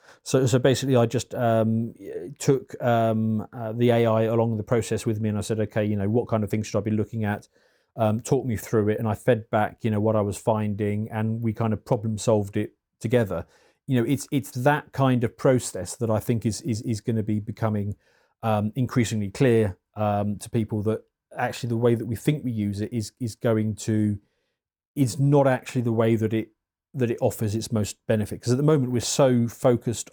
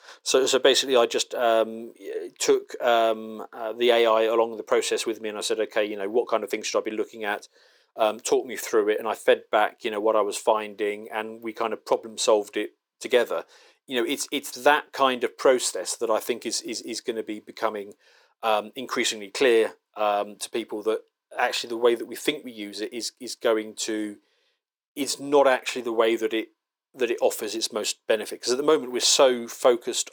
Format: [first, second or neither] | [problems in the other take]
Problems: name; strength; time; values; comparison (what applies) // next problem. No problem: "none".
first | thin; very; fading below 350 Hz